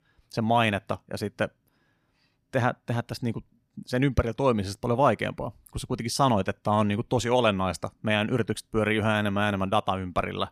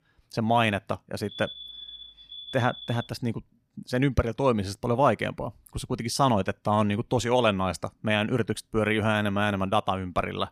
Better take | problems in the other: first | alarm; faint; from 1.5 to 3 s; peak 10 dB below the speech

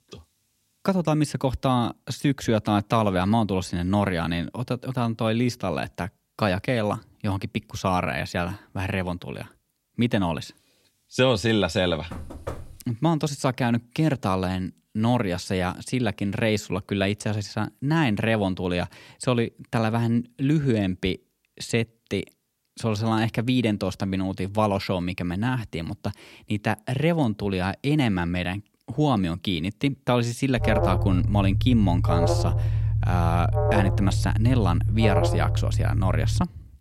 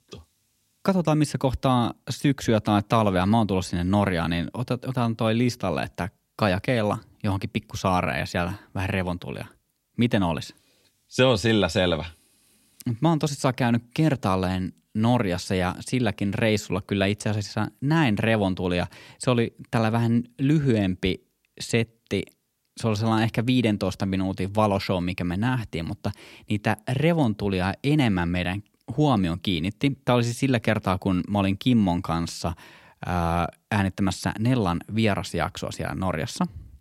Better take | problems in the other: second | door banging; faint; at 12 s; peak 10 dB below the speech // alarm; loud; from 31 s on; peak 3 dB above the speech

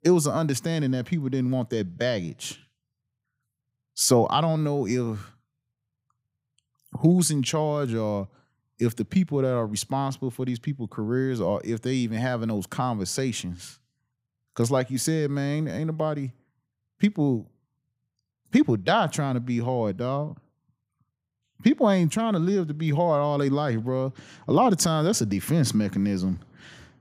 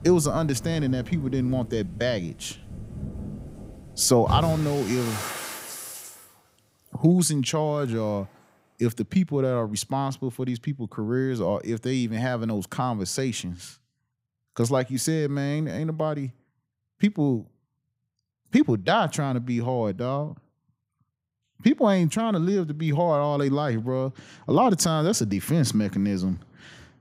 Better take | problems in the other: first | rain or running water; noticeable; until 8.5 s; 10 dB below the speech

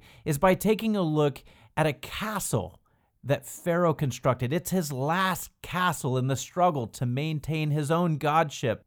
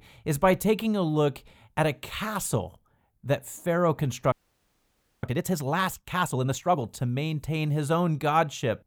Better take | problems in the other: first | audio freezing; at 4.5 s for 1 s

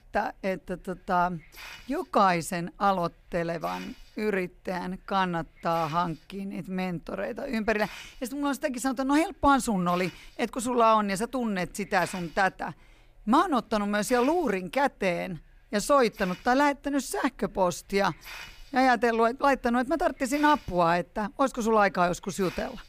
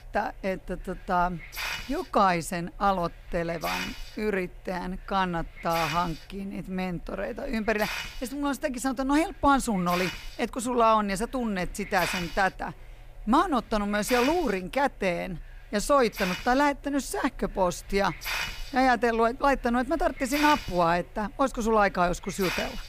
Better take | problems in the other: first | hiss; loud; throughout; 9 dB below the speech; faint in the first

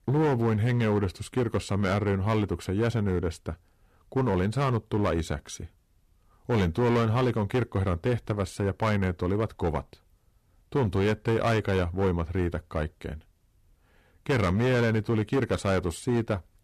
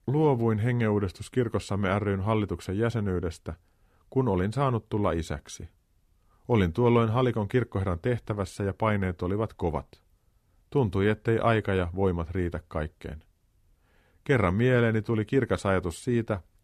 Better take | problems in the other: second | distortion; slight; 10% of the sound clipped

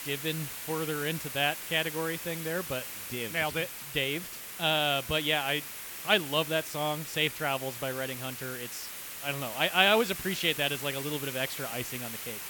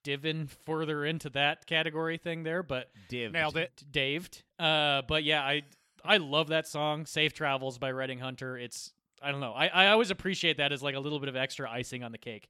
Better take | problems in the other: second | hiss; loud; throughout; 8 dB below the speech

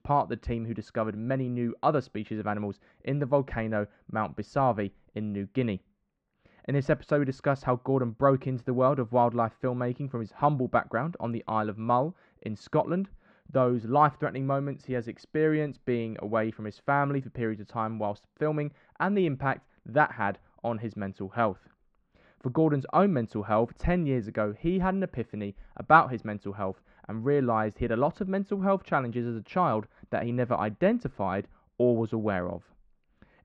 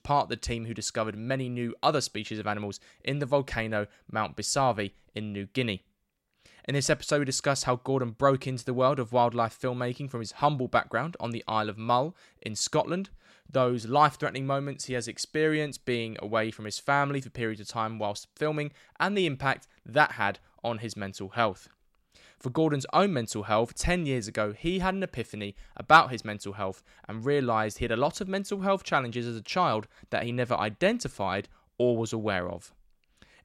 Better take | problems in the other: second | muffled; very; fading above 1.5 kHz

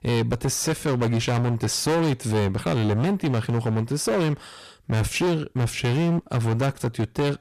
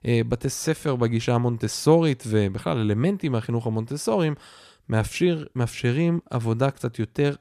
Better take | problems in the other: second | distortion; heavy; 23% of the sound clipped

